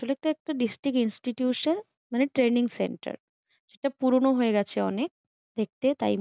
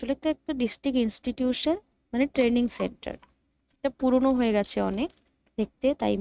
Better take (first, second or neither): first